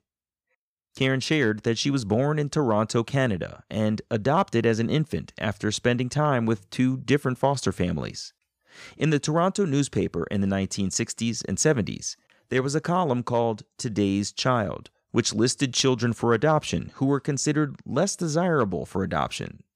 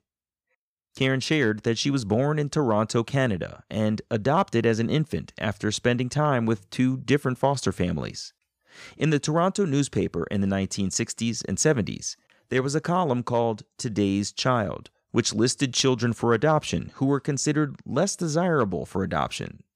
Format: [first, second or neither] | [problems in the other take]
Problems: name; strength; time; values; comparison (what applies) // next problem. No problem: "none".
neither | none